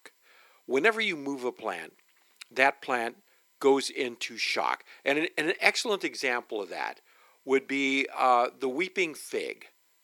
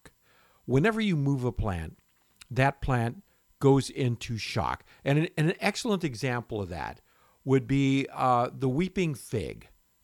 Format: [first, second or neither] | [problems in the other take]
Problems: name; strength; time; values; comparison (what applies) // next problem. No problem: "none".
second | thin; somewhat; fading below 300 Hz